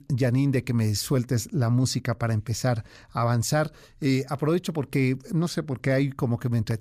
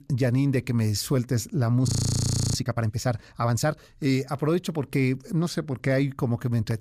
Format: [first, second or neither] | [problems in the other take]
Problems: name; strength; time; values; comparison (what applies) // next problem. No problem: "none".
first | audio freezing; at 2 s for 0.5 s